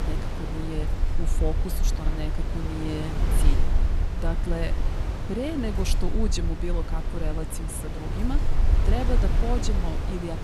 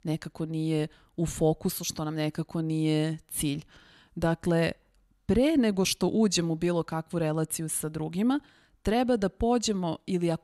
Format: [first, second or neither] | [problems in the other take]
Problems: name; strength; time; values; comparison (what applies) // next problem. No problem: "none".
second | wind noise on the microphone; heavy; 3 dB below the speech